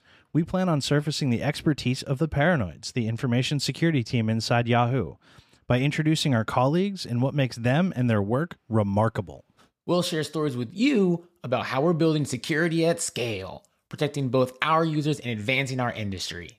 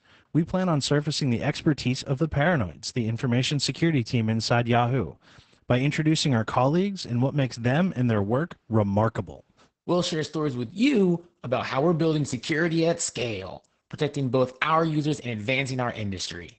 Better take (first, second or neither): first